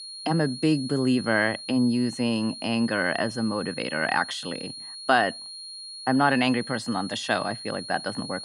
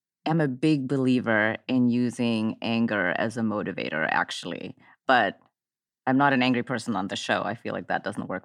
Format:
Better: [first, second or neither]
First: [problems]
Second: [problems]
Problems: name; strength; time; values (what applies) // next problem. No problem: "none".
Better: second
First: high-pitched whine; noticeable; throughout; 4.5 kHz, 10 dB below the speech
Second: none